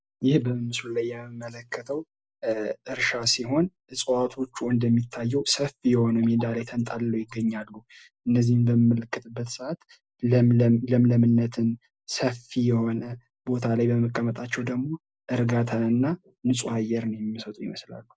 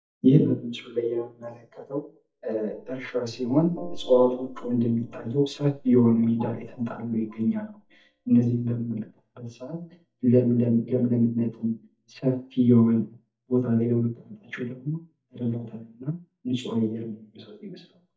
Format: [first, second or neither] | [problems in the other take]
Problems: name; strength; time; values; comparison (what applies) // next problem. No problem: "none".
first | noise reduction (neural mask model DeepFilterNet 3)